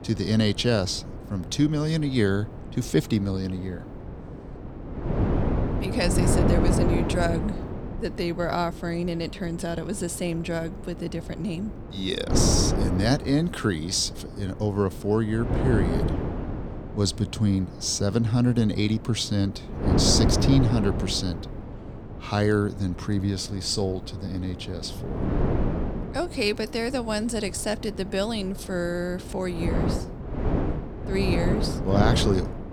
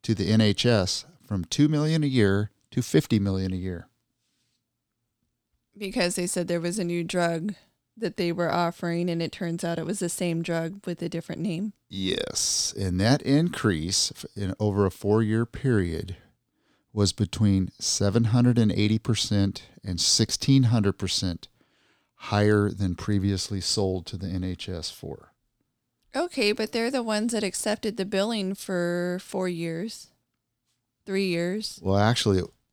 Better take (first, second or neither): second